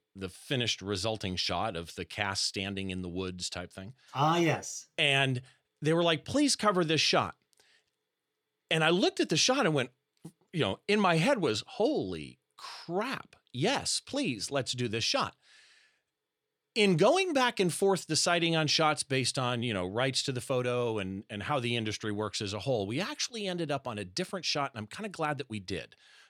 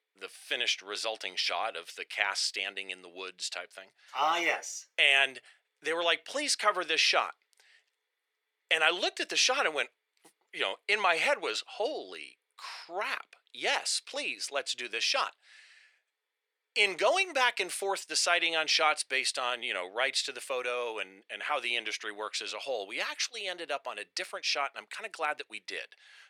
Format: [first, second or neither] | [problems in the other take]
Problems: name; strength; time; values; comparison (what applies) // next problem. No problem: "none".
first | thin; very; fading below 500 Hz